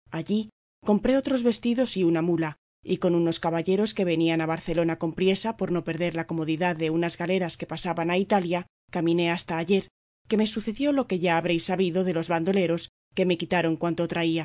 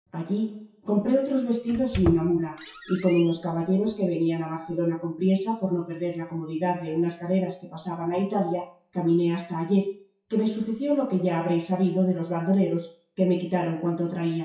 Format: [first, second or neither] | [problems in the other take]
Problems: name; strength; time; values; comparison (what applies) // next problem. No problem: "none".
first | noise reduction (classical method WPE with log-MMSE)